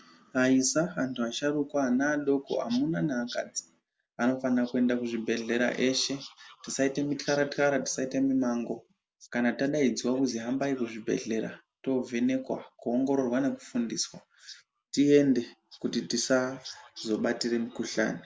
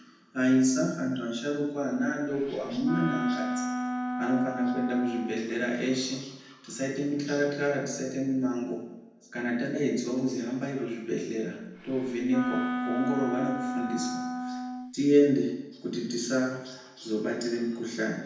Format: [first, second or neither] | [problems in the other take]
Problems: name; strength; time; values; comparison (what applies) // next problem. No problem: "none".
first | background sound (Wind instrument, woodwind instrument); 3 dB below the speech // room echo; dies away in 0.9 s